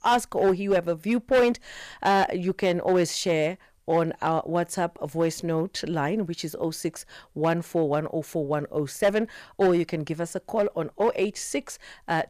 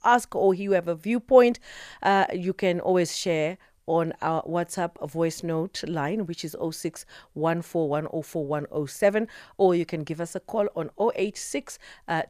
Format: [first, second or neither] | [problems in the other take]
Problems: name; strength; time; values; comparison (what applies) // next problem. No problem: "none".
second | distortion; slight; 4% of the sound clipped